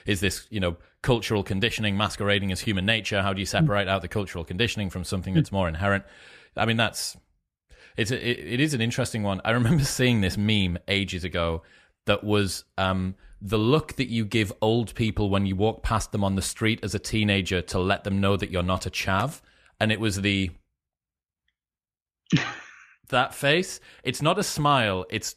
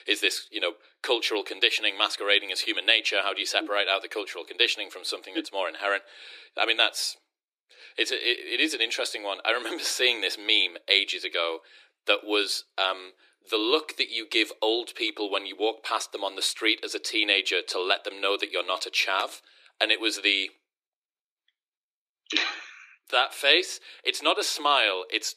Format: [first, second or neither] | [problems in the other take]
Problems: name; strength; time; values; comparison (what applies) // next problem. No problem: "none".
first | thin; very; fading below 300 Hz